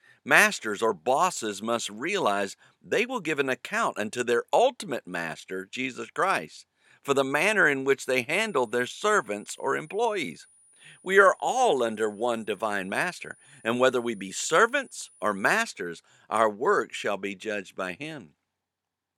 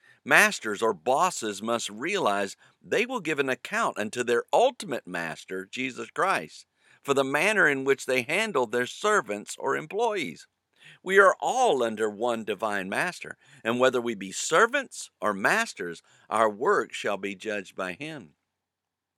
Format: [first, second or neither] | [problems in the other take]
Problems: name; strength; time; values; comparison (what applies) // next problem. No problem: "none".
second | high-pitched whine; faint; from 8.5 to 16 s; 9.5 kHz, 30 dB below the speech